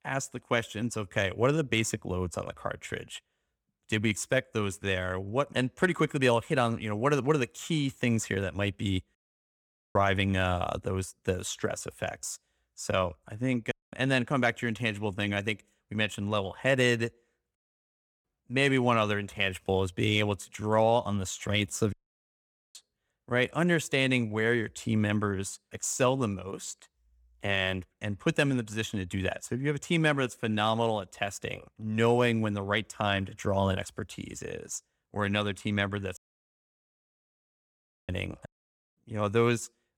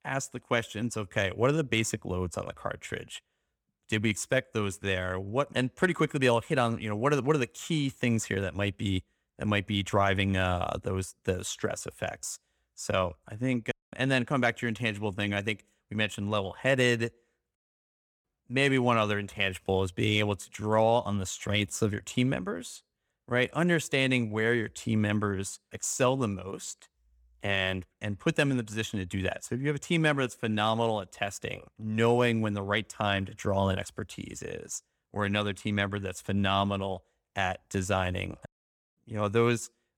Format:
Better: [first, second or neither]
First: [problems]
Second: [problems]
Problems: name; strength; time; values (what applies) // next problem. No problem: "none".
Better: second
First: audio cutting out; at 9 s for 1 s, at 22 s for 1 s and at 36 s for 2 s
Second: none